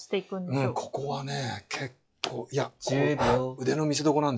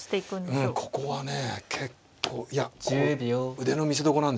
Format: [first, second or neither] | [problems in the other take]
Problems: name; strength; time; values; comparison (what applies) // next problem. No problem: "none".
second | noise reduction (classical method log-MMSE)